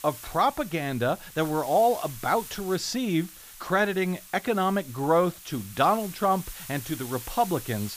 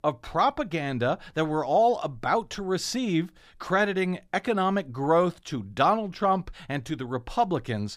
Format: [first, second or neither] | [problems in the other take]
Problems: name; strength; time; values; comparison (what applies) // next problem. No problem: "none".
second | hiss; noticeable; throughout; 15 dB below the speech